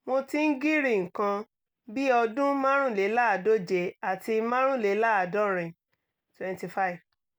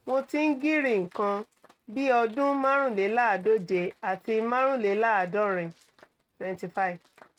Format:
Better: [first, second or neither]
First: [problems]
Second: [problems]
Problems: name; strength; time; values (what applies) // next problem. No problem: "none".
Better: first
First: none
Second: noise reduction (neural mask model RNNoise)